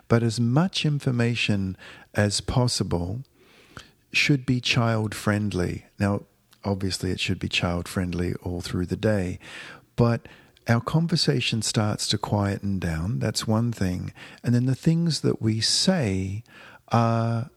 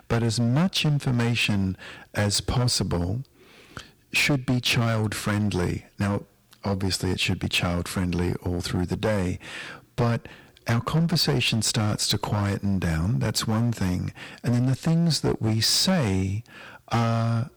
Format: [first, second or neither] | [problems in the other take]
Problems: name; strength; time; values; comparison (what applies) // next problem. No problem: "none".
first | distortion; heavy; 12% of the sound clipped